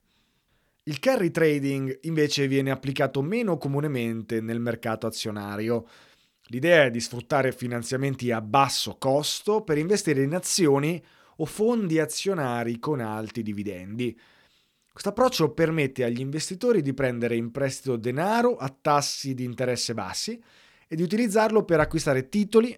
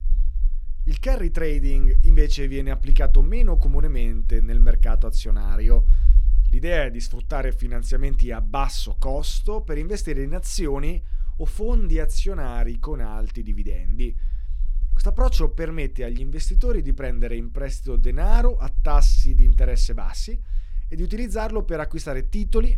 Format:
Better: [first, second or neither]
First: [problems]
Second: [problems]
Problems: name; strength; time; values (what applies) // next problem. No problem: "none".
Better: first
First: none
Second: low rumble; faint; throughout; 20 dB below the speech